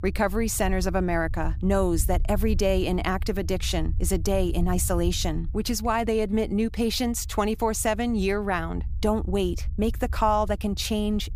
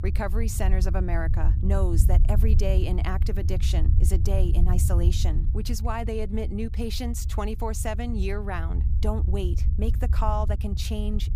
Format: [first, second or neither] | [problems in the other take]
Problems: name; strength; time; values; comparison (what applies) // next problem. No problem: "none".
first | low rumble; loud; throughout; 10 dB below the speech; faint in the first